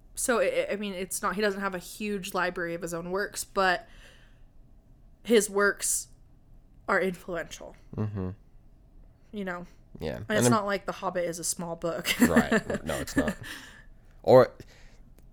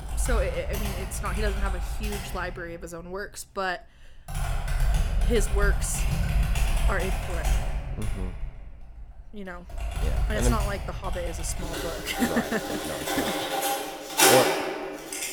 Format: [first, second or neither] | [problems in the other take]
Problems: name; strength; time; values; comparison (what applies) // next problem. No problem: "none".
first | household noises; very loud; throughout; 3 dB above the speech